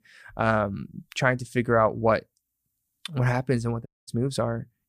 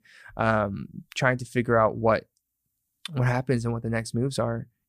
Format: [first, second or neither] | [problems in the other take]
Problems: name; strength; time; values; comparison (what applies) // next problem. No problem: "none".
second | audio cutting out; at 4 s